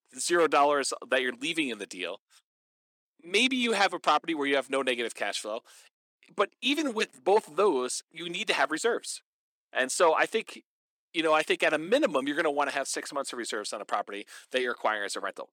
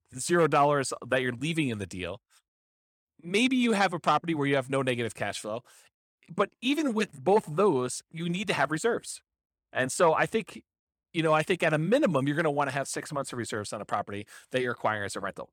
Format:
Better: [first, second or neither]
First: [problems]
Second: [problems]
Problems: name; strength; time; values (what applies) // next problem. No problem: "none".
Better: second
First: thin; very slightly; fading below 250 Hz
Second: none